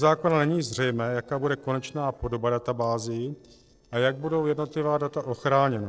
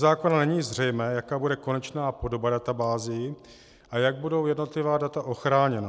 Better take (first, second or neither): second